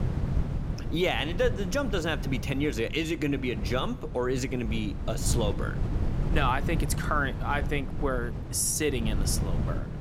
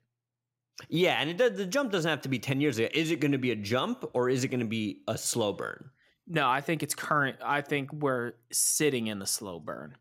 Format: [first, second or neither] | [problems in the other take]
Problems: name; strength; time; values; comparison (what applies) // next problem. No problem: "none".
second | wind noise on the microphone; occasional gusts; 10 dB below the speech